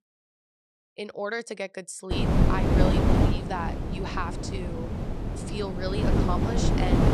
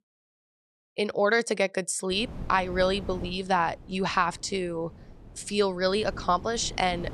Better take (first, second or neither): second